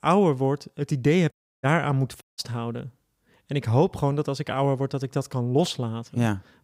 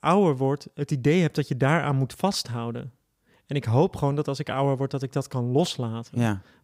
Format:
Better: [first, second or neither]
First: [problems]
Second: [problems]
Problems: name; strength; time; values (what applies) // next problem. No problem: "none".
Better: second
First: audio cutting out; at 1.5 s and at 2 s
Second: none